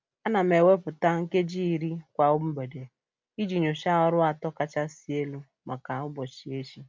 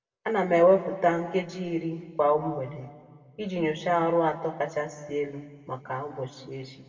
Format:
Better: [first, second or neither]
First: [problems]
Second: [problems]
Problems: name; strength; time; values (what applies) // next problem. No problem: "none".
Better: first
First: none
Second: room echo; dies away in 1.5 s